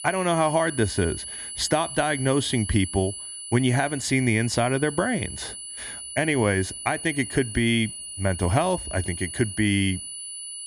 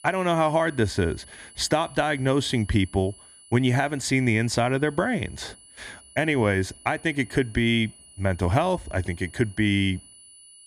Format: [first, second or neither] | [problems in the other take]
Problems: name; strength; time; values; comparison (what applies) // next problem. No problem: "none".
second | high-pitched whine; loud; throughout; 10 kHz, 9 dB below the speech; faint in the second